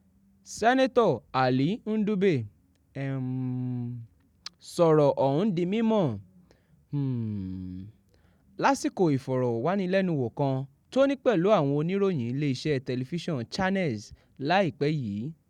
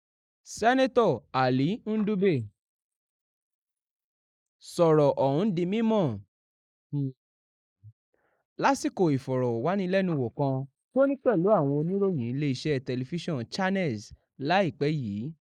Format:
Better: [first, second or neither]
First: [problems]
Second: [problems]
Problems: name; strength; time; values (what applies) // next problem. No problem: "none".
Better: first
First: none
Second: noise reduction (neural mask model Resemble Enhance denoiser)